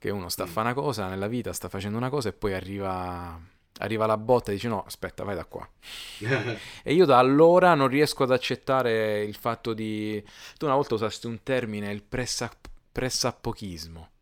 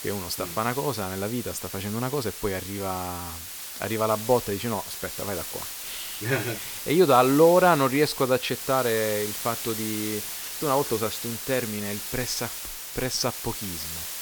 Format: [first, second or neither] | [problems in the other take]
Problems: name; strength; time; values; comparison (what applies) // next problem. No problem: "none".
first | hiss; loud; throughout; 7 dB below the speech